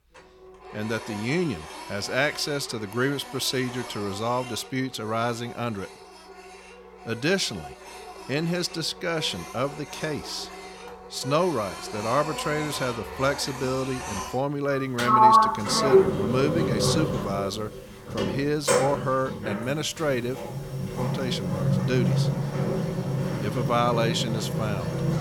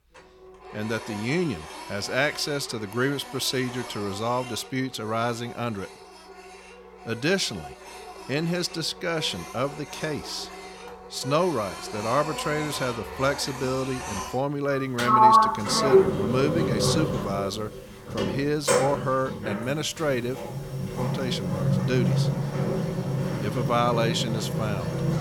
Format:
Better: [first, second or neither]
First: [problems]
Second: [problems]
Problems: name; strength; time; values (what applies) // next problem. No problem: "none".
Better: neither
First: household noises; very loud; throughout; 1 dB above the speech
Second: household noises; very loud; throughout; 1 dB above the speech